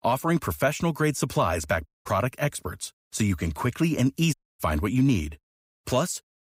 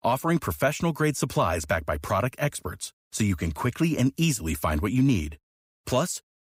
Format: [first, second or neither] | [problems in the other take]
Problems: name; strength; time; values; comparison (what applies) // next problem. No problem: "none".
second | audio cutting out; at 2 s and at 4.5 s